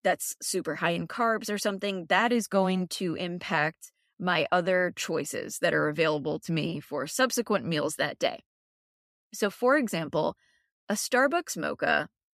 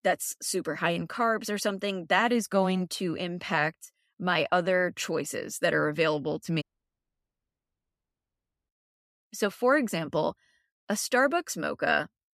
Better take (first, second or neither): first